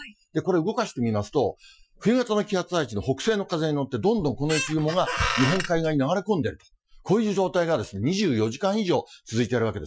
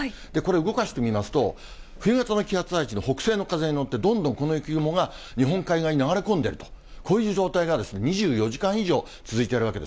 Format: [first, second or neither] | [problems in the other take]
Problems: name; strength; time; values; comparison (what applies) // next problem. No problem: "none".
second | noise reduction (classical method Wiener filter)